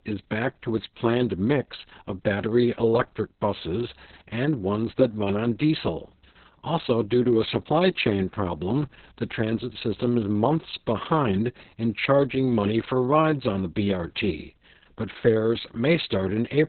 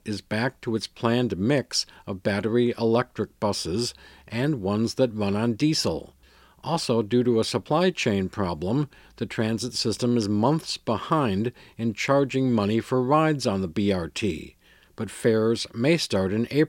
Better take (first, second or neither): second